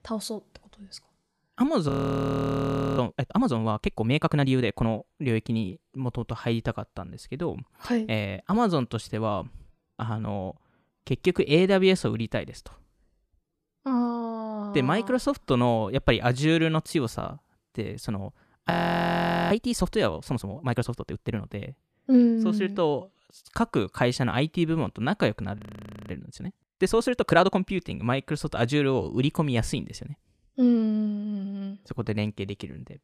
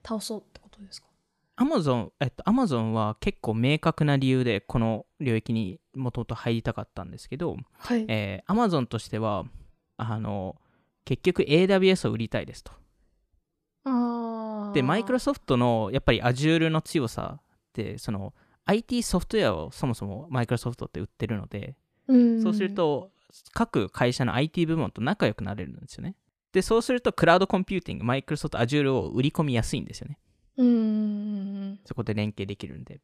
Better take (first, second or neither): second